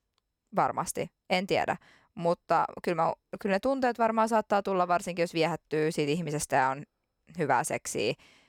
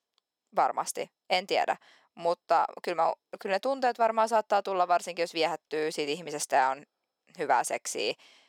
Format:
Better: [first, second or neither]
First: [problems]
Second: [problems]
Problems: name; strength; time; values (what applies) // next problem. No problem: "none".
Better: first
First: none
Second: thin; somewhat; fading below 350 Hz